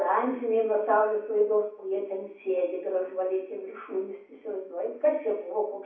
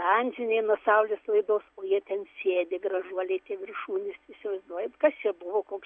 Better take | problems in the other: second | room echo; dies away in 0.7 s

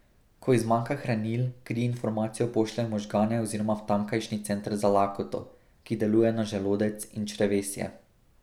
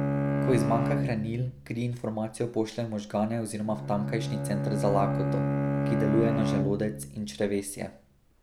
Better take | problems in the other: first | background sound (Bowed string instrument); as loud as the speech

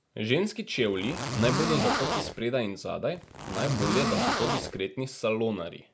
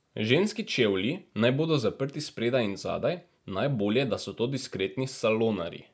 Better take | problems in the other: second | background sound (Zipper (clothing)); as loud as the speech

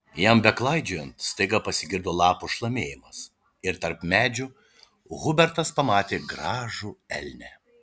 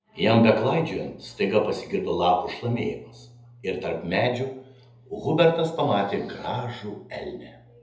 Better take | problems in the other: first | room echo; dies away in 0.7 s

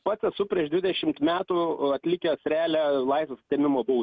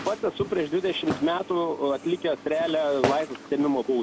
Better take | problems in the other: first | background sound (Walk, footsteps); 10 dB below the speech

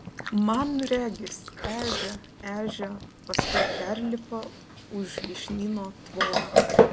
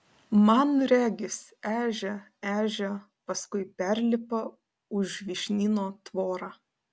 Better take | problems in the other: second | background sound (Chewing, mastication); 3 dB above the speech

